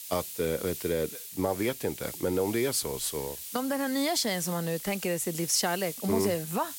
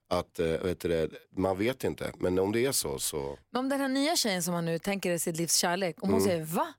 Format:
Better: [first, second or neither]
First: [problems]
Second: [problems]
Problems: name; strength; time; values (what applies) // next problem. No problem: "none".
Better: second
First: hiss; loud; throughout; 9 dB below the speech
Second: none